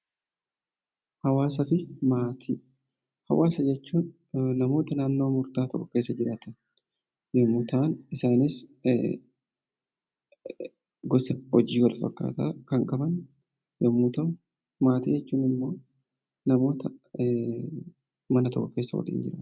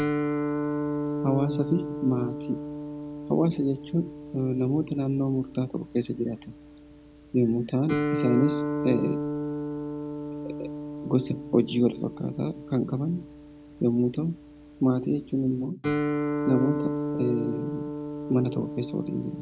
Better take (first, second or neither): first